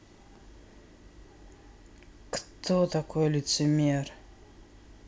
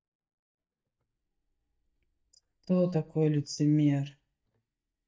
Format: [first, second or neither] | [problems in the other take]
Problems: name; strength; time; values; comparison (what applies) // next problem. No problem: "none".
first | noise reduction (neural mask model DeepFilterNet 3)